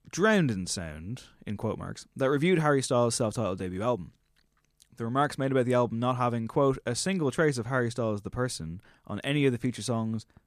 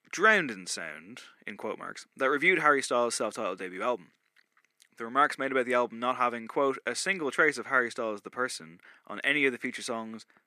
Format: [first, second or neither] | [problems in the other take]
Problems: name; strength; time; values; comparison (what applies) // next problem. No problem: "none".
first | thin; somewhat; fading below 300 Hz